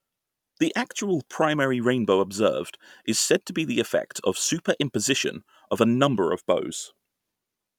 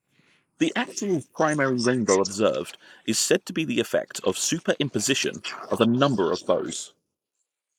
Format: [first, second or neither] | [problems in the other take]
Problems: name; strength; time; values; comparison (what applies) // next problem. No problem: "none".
first | noise reduction (neural mask model Resemble Enhance denoiser)